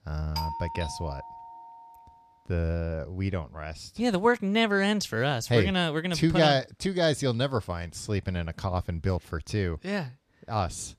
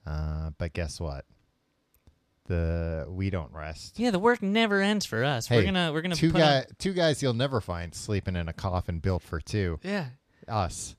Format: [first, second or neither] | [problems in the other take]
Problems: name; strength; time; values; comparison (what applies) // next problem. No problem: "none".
second | doorbell; noticeable; until 2 s; peak 6 dB below the speech